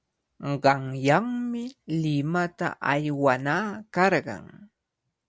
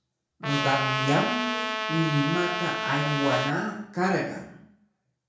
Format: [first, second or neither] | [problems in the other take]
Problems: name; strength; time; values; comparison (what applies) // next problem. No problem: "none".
first | background sound (Trumpet); 1 dB below the speech // room echo; dies away in 0.6 s